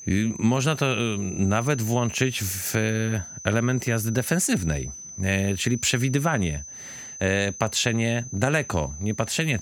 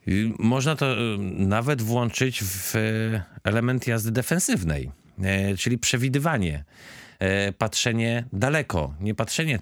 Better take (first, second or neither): second